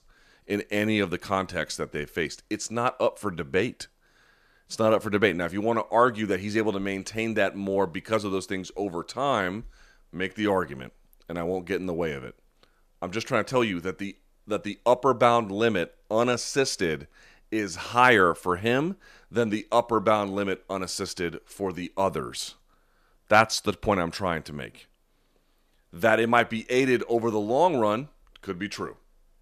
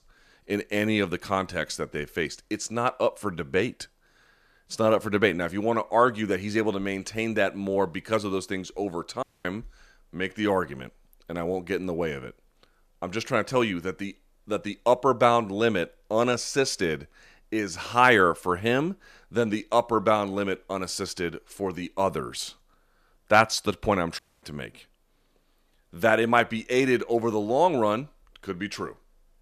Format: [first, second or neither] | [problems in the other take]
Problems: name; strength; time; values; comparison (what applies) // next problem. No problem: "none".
first | audio cutting out; at 9 s and at 24 s